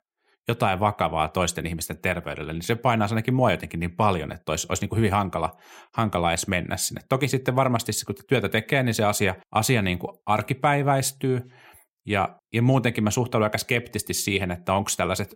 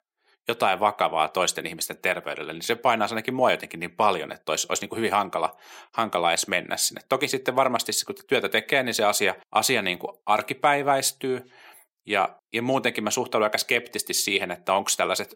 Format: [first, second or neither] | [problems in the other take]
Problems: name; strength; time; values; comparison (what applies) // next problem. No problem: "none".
first | thin; somewhat; fading below 350 Hz